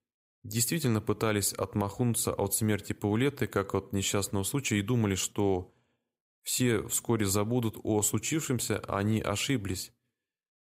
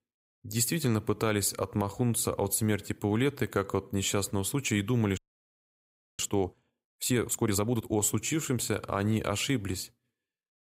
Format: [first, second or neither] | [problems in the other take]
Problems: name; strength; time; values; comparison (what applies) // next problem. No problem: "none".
first | audio freezing; at 5 s for 1 s